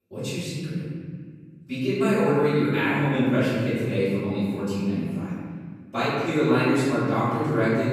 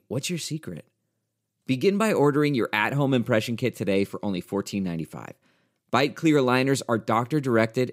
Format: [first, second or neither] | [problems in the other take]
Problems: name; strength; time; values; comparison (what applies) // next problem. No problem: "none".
second | off-mic speech; far // room echo; strong; dies away in 2.1 s